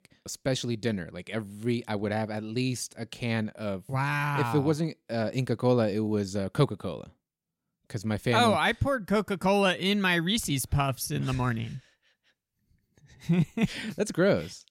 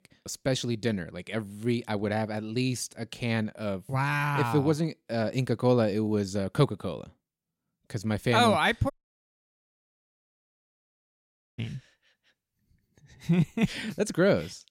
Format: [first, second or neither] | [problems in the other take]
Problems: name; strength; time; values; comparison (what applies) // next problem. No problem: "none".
first | audio cutting out; at 9 s for 2.5 s